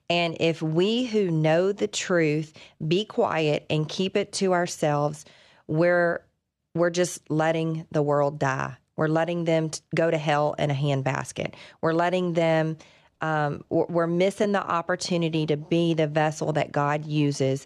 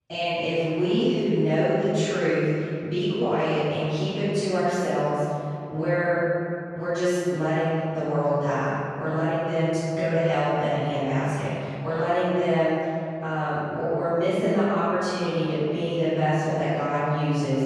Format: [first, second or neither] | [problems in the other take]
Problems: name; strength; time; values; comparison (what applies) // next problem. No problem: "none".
first | room echo; strong; dies away in 2.5 s // off-mic speech; far